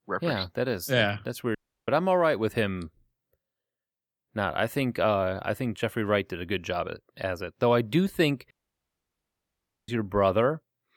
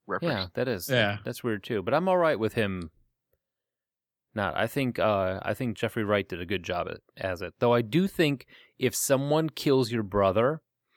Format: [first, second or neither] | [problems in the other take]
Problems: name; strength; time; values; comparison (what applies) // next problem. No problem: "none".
second | audio cutting out; at 1.5 s and at 8.5 s for 1.5 s